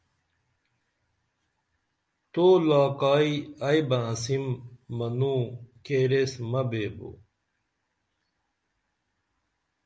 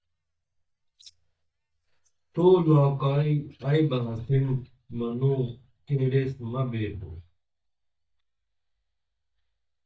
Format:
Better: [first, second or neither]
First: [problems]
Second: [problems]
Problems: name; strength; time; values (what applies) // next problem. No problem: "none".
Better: first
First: none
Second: noise reduction (neural mask model DeepFilterNet 3)